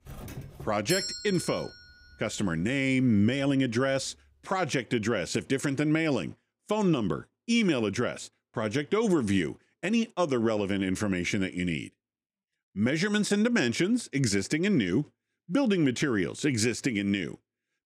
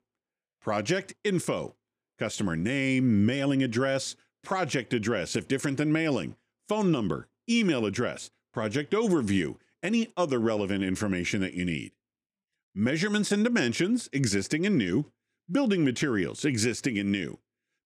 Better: second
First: doorbell; noticeable; until 1.5 s; peak 3 dB below the speech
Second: none

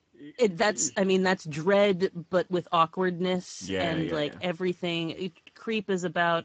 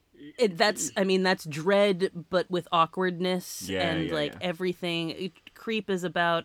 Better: second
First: garbled, watery; badly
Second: none

